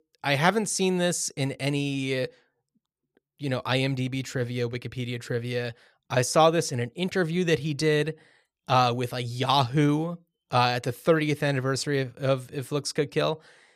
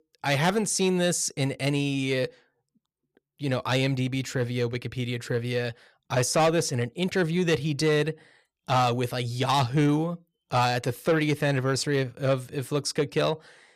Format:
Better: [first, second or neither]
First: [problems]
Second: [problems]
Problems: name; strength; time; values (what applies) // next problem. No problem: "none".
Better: first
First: none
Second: distortion; slight; 10 dB below the speech